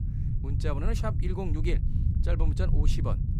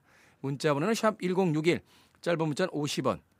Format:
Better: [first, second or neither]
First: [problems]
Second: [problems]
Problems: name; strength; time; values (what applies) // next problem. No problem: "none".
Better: second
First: low rumble; loud; throughout; 6 dB below the speech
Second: none